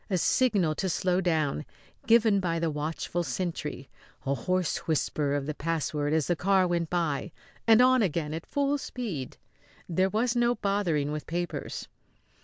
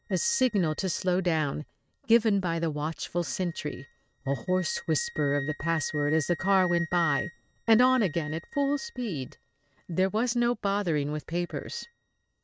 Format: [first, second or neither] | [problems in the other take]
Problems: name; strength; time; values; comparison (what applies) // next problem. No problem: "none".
first | noise reduction (neural mask model RNNoise)